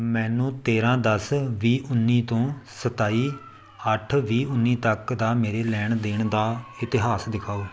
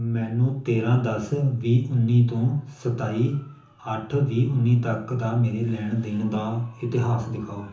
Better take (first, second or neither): first